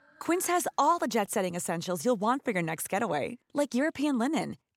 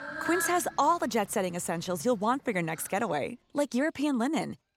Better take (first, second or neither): first